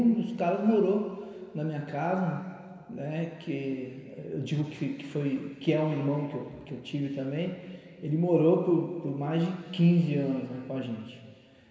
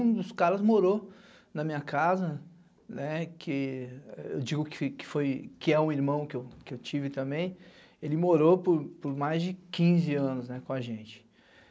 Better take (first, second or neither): second